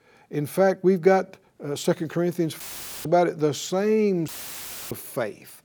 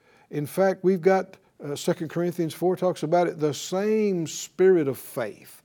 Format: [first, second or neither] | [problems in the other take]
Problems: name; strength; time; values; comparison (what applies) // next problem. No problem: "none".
second | audio cutting out; filled with static; at 2.5 s and at 4.5 s for 0.5 s